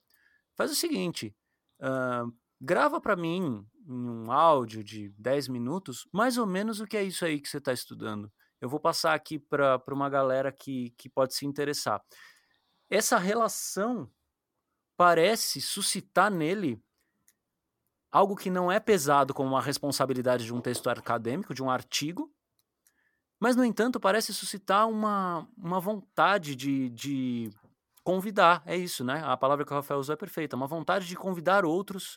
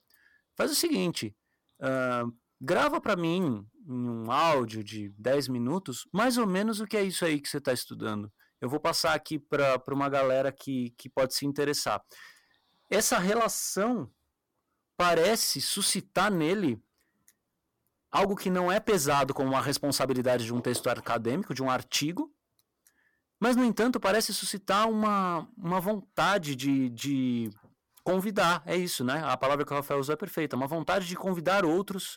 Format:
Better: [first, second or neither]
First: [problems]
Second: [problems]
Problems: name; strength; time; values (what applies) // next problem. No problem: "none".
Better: first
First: none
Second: distortion; heavy; 6% of the sound clipped